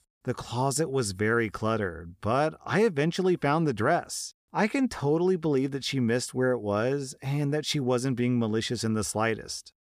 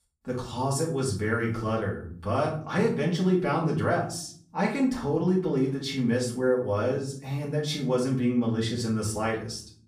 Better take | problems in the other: first | room echo; slight; dies away in 0.5 s // off-mic speech; far

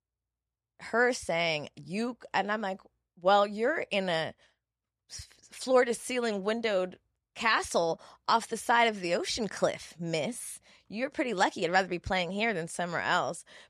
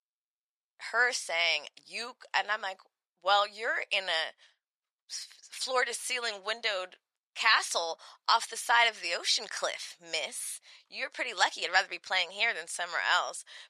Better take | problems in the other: first | thin; very; fading below 1 kHz

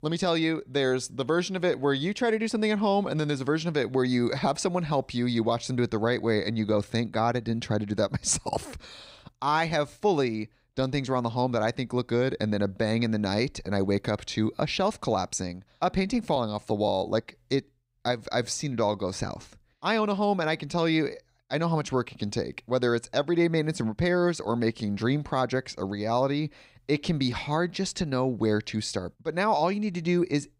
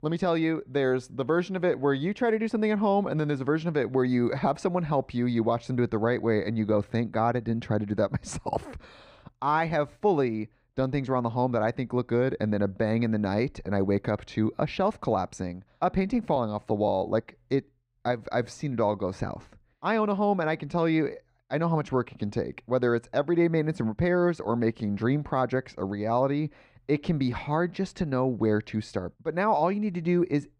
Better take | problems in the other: first | muffled; slightly; fading above 3 kHz

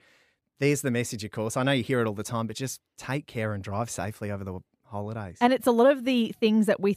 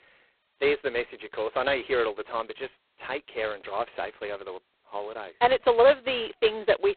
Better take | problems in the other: first | phone-call audio; poor line; nothing above 4 kHz

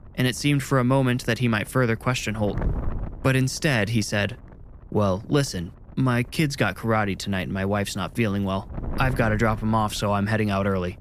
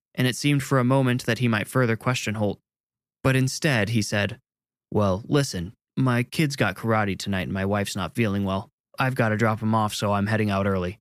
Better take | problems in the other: second | wind noise on the microphone; occasional gusts; 20 dB below the speech

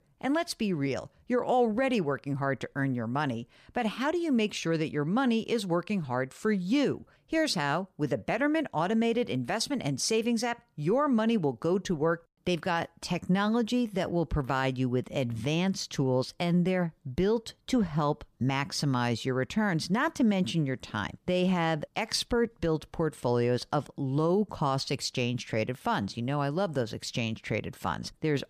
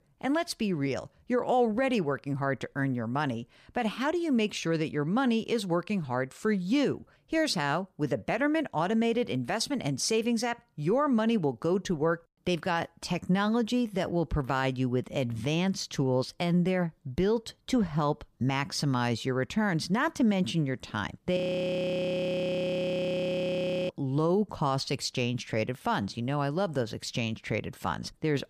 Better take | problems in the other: first | audio freezing; at 21 s for 2.5 s

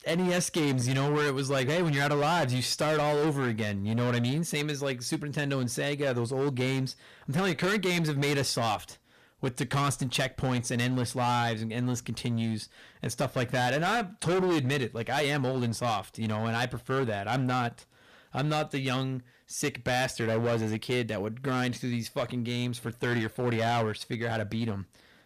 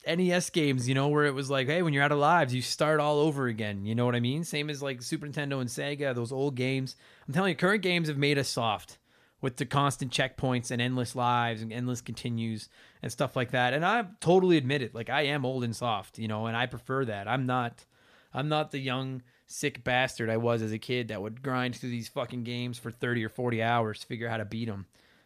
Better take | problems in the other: second | distortion; heavy; 16% of the sound clipped

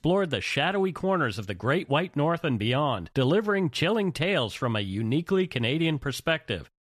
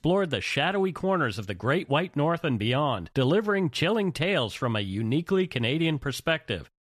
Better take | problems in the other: neither | none

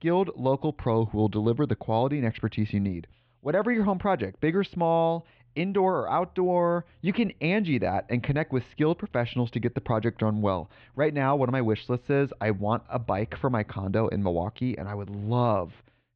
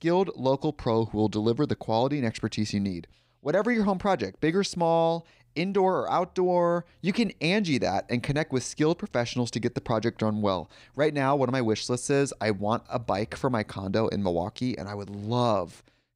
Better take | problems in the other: second | muffled; very; fading above 3.5 kHz

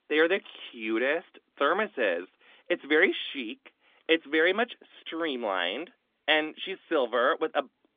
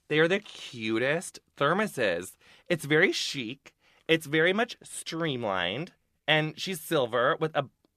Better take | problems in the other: second | phone-call audio; nothing above 3.5 kHz

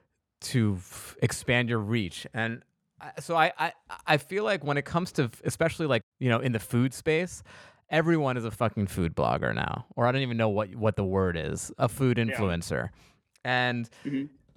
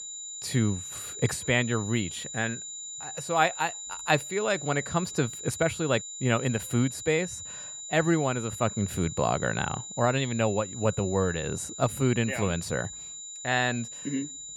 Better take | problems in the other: first | high-pitched whine; loud; throughout; 7 kHz, 9 dB below the speech

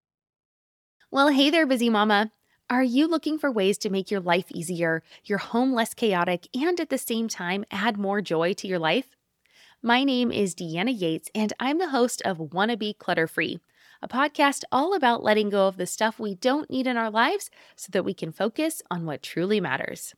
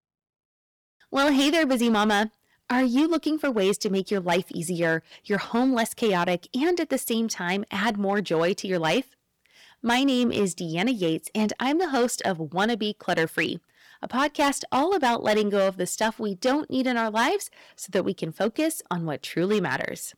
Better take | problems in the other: first | distortion; slight; 6% of the sound clipped

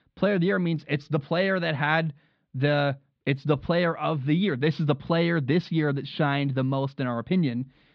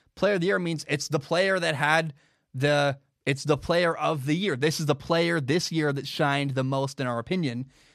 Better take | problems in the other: second | muffled; slightly; fading above 4 kHz

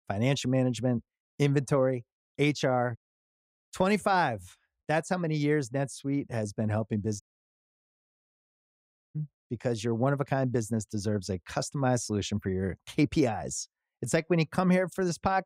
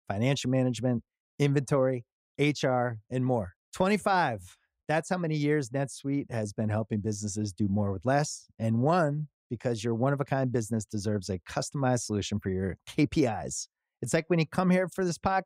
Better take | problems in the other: second | audio cutting out; at 3 s for 0.5 s and at 7 s for 2 s

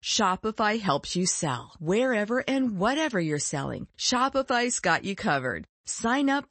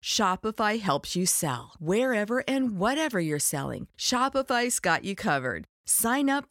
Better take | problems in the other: second | garbled, watery; slightly; nothing above 8 kHz

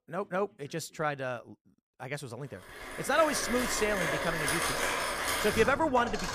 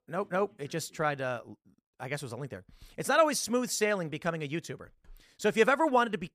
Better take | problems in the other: second | machinery noise; loud; from 3 s on; 1 dB below the speech

